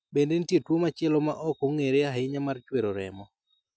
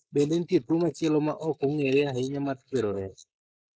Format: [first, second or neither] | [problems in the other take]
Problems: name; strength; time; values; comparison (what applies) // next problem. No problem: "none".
first | noise reduction (neural mask model Resemble Enhance denoiser)